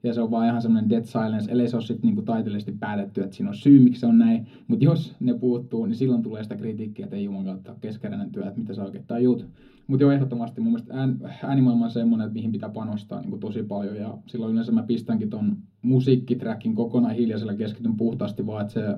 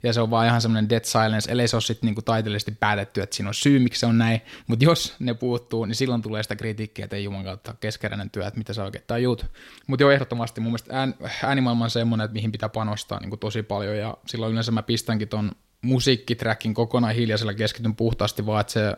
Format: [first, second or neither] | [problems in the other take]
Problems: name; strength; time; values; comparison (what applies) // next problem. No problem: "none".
second | room echo; slight; dies away in 0.3 s // off-mic speech; far